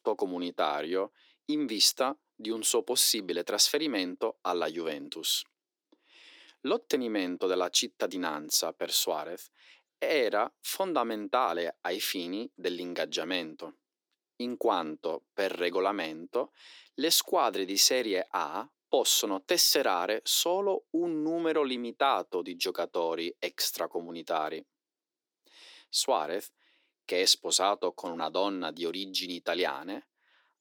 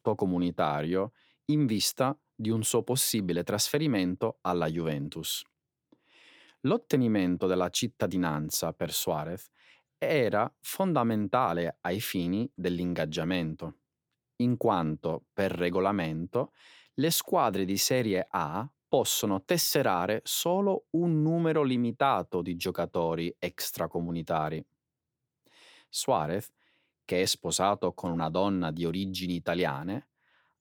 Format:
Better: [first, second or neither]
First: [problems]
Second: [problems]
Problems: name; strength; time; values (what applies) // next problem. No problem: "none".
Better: second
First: thin; somewhat; fading below 300 Hz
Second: none